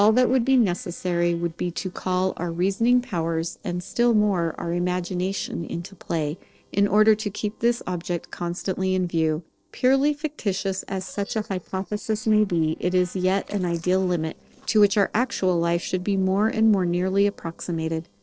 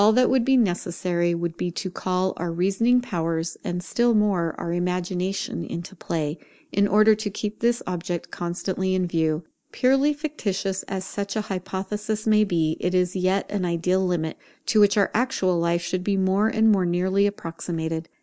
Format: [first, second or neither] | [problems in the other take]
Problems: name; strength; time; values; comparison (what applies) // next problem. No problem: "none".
second | noise reduction (neural separator model SepFormer DNS4)